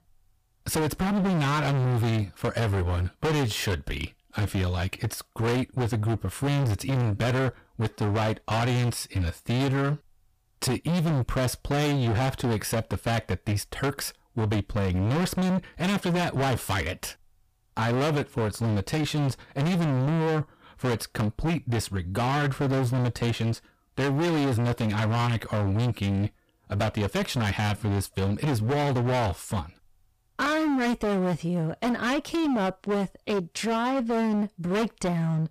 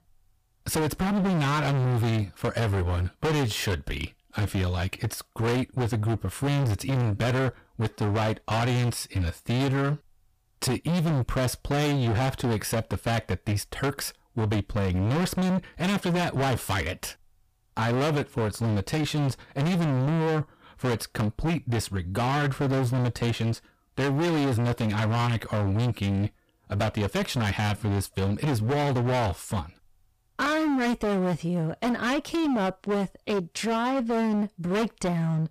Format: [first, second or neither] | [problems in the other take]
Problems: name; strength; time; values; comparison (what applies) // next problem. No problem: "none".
neither | distortion; heavy; 31% of the sound clipped; the same in both